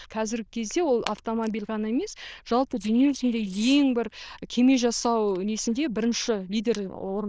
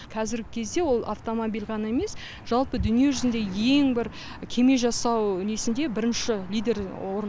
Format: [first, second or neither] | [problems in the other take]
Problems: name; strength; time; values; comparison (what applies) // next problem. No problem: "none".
second | noise reduction (neural diffusion model UNIVERSE++)